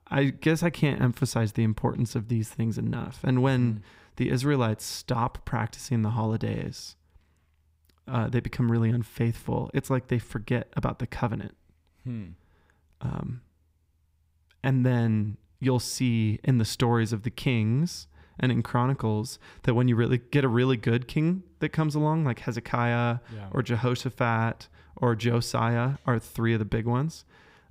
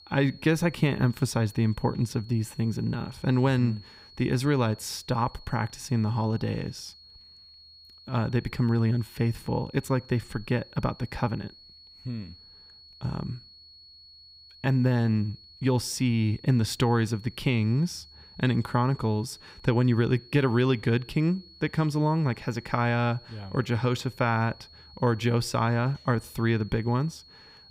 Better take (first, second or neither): first